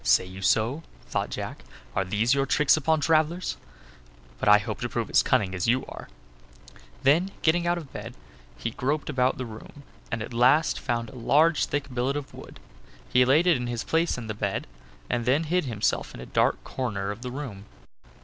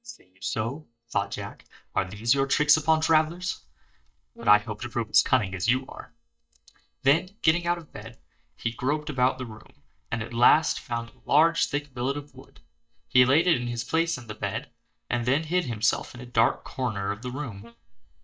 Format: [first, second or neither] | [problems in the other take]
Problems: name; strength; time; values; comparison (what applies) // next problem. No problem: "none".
first | noise reduction (neural mask model DeepFilterNet 3)